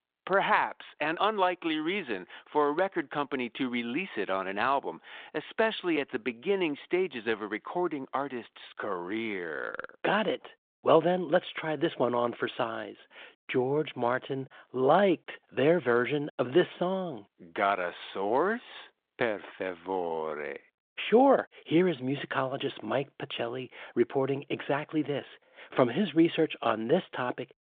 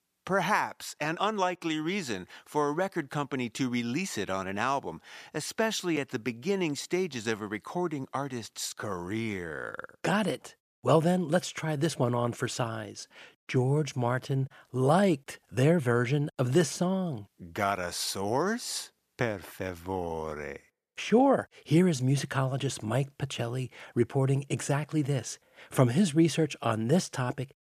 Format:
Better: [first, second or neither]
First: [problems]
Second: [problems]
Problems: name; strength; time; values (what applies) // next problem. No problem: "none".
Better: second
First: phone-call audio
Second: none